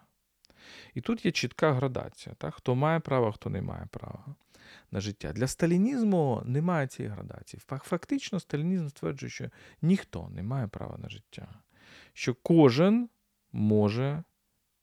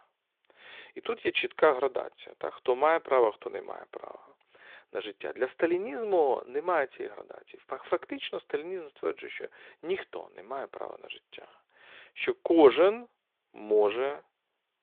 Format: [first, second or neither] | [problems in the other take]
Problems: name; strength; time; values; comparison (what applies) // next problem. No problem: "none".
first | phone-call audio; nothing above 3.5 kHz